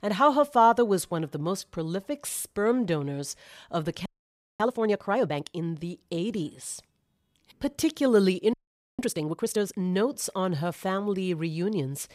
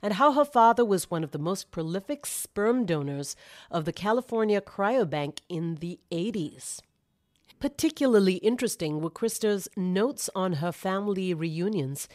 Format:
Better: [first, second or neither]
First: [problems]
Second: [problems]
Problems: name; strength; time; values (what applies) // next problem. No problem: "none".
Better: second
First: audio freezing; at 4 s for 0.5 s and at 8.5 s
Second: none